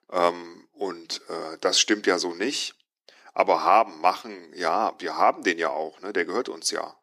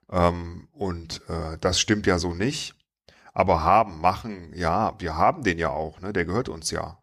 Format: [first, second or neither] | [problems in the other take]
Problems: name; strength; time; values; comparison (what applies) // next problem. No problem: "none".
second | thin; somewhat; fading below 300 Hz